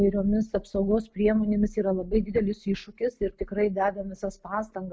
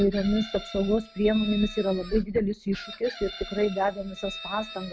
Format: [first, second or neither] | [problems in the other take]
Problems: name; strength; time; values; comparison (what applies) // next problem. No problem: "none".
first | background sound (Chicken, rooster); 14 dB below the speech